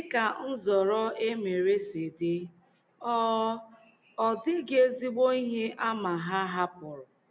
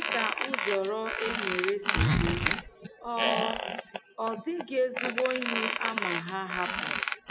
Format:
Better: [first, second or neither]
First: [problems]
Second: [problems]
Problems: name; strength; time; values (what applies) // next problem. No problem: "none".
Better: first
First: none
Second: background sound (Zipper (clothing) + Squeak); 2 dB above the speech